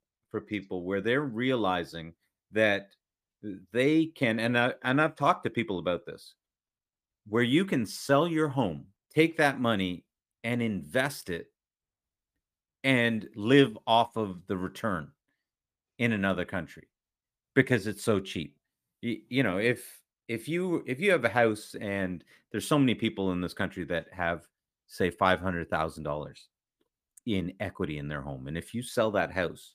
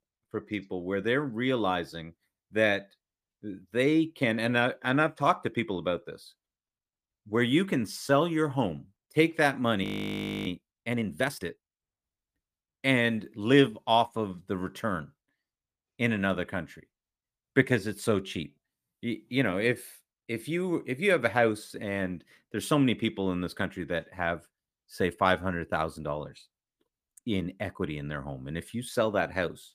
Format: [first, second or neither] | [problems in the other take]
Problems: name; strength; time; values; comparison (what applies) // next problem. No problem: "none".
first | audio freezing; at 10 s for 0.5 s